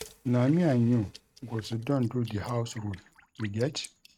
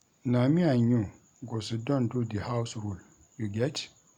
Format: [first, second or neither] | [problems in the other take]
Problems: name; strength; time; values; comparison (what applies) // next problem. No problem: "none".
second | noise reduction (neural mask model RNNoise)